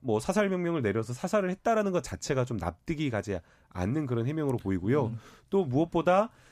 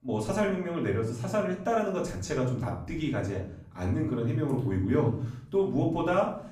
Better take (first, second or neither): first